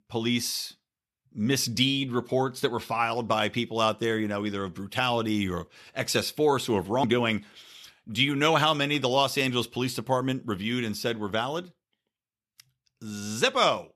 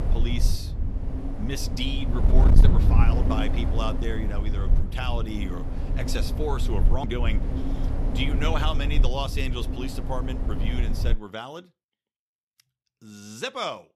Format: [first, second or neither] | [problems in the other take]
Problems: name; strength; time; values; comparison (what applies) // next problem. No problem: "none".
first | wind noise on the microphone; heavy; until 11 s; 6 dB below the speech